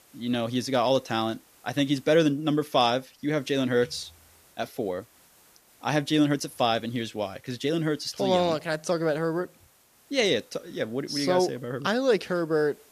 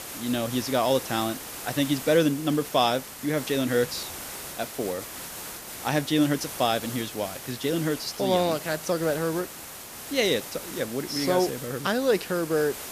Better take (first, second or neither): first